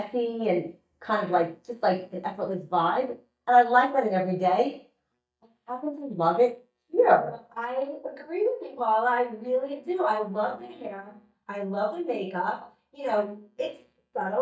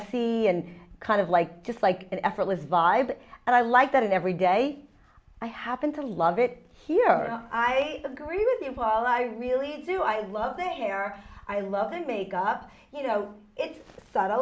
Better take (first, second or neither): second